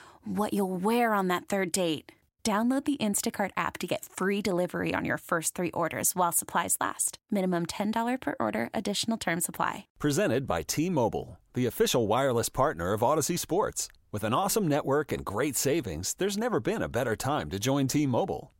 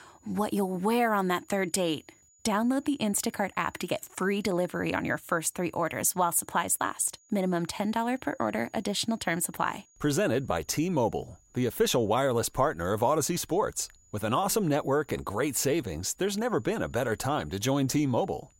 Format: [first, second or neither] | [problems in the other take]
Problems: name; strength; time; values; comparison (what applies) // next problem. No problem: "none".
first | high-pitched whine; faint; throughout; 7 kHz, 30 dB below the speech